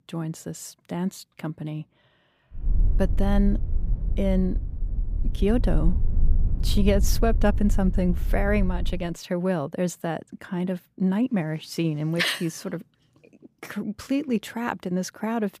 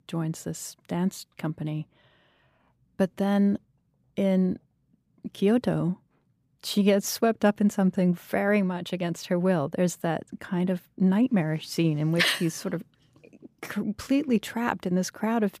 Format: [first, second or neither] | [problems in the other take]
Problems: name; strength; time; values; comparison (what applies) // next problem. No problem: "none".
second | low rumble; noticeable; from 2.5 to 9 s; 15 dB below the speech